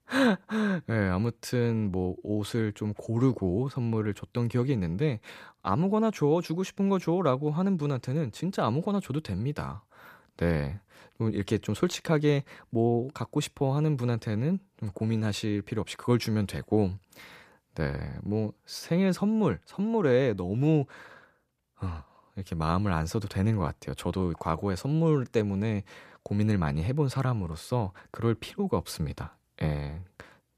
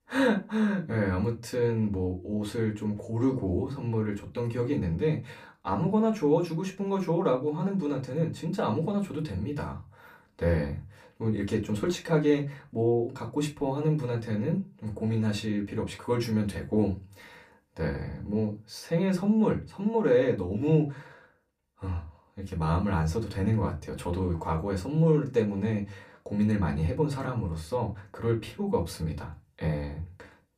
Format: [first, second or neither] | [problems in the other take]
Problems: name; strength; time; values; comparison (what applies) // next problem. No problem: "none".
first | off-mic speech; far // room echo; very slight; dies away in 0.2 s